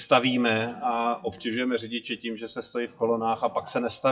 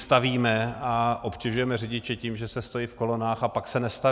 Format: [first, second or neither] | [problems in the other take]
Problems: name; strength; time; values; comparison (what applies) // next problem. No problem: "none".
second | noise reduction (classical method WPE with log-MMSE)